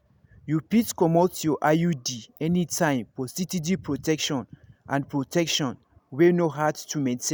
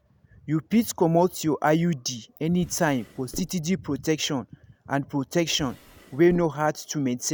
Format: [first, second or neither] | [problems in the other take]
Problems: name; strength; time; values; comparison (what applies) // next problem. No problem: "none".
first | background sound (Drawer open or close); 17 dB below the speech